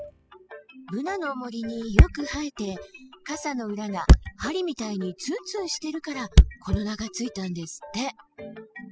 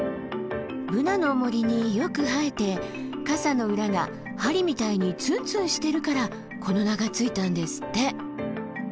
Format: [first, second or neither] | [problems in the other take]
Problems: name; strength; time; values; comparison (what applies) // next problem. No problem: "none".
second | noise reduction (classical method spectral subtraction)